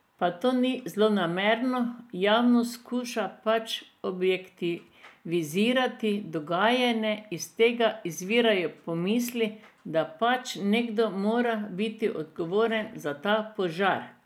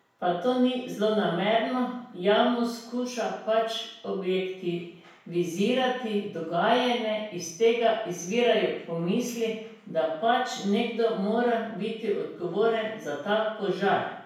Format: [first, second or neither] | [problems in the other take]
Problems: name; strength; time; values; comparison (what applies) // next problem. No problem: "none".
first | room echo; dies away in 0.7 s